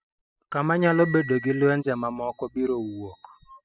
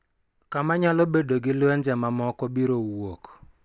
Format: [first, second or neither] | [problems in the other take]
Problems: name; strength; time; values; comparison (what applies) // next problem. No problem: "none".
second | noise reduction (classical method spectral subtraction)